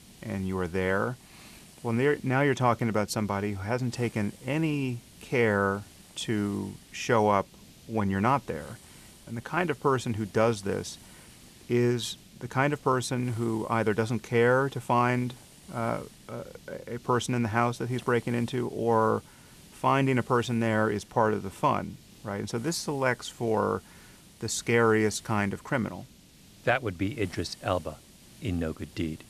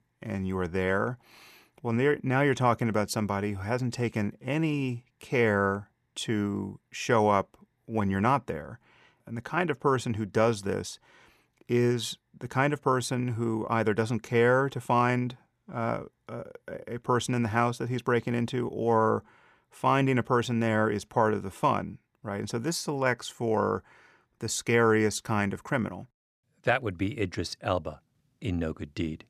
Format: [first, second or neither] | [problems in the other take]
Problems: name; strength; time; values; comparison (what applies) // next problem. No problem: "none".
second | hiss; faint; throughout; 25 dB below the speech